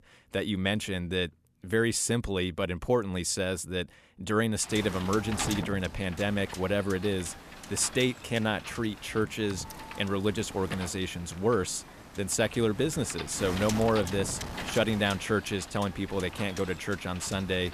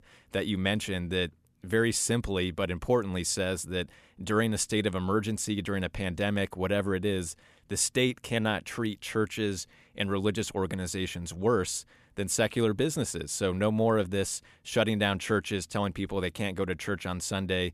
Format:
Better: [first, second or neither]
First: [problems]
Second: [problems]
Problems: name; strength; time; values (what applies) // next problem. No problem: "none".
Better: second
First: wind noise on the microphone; heavy; from 4.5 s on; 10 dB below the speech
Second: none